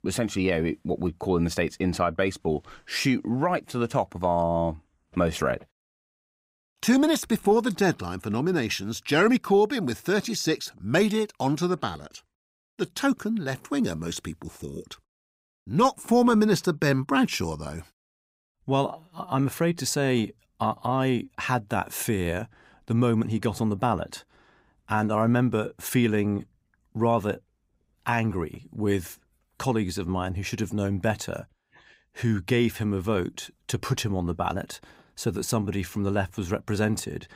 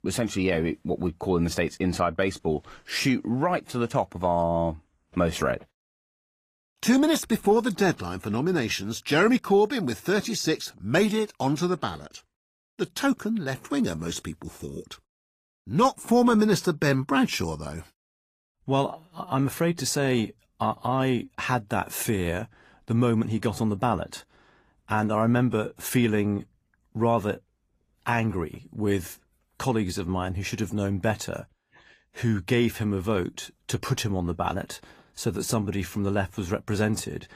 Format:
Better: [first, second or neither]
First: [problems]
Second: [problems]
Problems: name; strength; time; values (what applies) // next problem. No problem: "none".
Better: first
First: none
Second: garbled, watery; slightly; nothing above 15.5 kHz